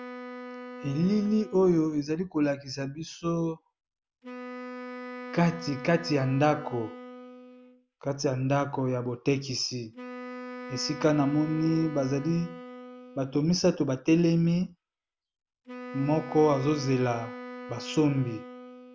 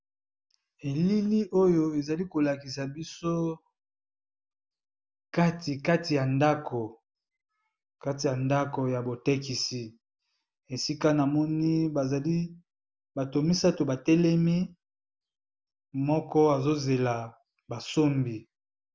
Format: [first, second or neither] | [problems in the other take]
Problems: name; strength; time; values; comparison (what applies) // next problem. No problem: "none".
second | background sound (Wind instrument, woodwind instrument); 14 dB below the speech